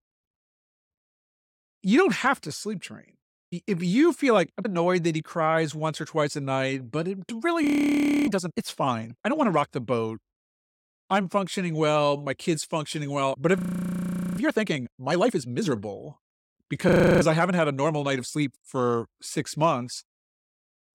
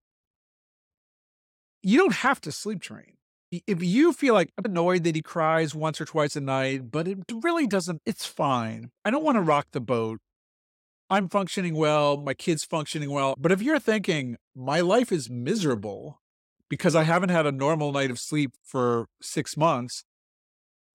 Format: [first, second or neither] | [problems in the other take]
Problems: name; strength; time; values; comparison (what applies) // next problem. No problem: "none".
second | audio freezing; at 7.5 s for 0.5 s, at 14 s for 1 s and at 17 s